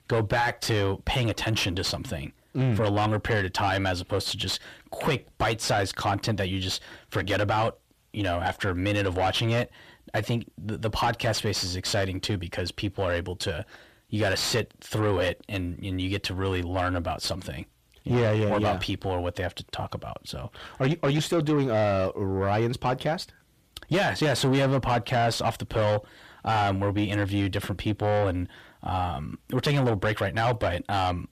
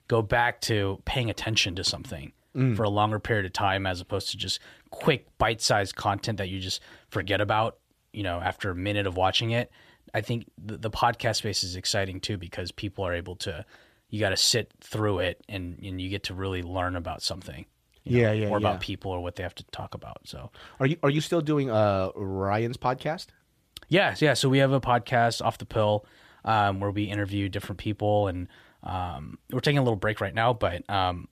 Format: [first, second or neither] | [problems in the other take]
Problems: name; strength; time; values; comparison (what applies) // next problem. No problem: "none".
second | distortion; heavy; 8 dB below the speech